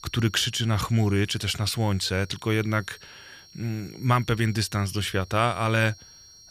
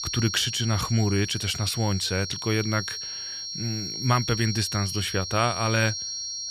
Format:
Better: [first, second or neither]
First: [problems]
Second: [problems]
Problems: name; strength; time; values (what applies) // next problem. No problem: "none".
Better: first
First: high-pitched whine; faint; throughout; 5.5 kHz, 25 dB below the speech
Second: high-pitched whine; loud; throughout; 5.5 kHz, 5 dB below the speech